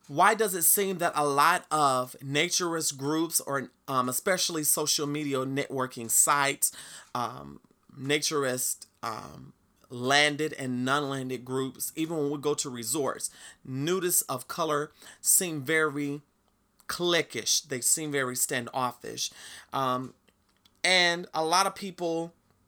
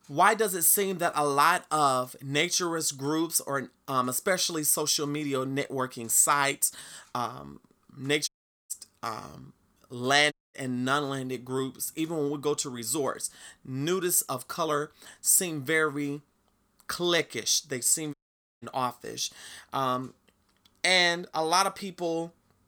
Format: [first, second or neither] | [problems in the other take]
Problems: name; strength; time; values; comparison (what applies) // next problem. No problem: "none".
first | audio cutting out; at 8.5 s, at 10 s and at 18 s